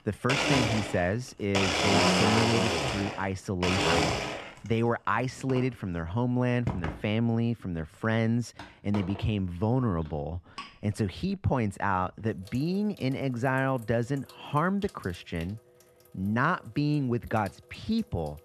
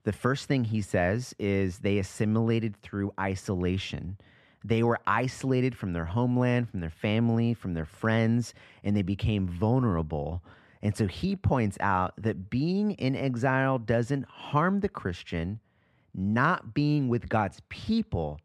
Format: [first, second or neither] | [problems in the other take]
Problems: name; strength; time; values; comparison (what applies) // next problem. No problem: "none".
second | household noises; very loud; throughout; 2 dB above the speech